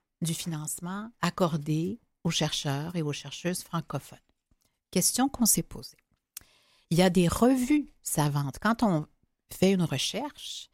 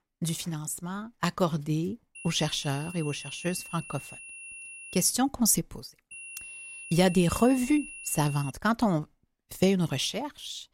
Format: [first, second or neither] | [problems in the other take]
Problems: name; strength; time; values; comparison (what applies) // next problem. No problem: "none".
first | high-pitched whine; noticeable; from 2 to 5 s and from 6 to 8.5 s; 2.5 kHz, 15 dB below the speech